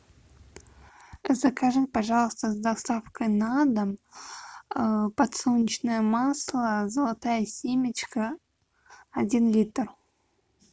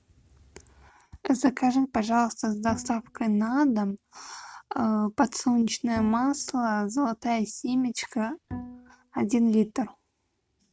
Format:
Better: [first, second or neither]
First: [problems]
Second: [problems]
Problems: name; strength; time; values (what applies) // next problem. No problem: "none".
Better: first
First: none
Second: noise reduction (neural mask model RNNoise)